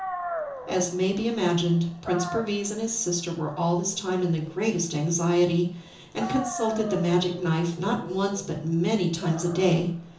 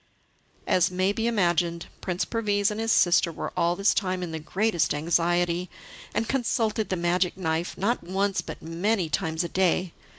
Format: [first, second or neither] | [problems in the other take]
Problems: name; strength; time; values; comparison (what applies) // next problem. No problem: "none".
second | background sound (Dog); 13 dB below the speech // room echo; dies away in 0.7 s